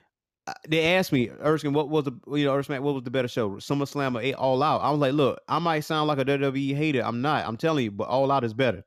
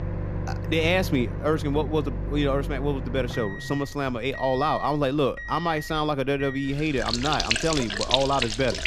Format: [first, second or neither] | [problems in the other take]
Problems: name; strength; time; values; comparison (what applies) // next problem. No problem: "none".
first | household noises; loud; throughout; 5 dB below the speech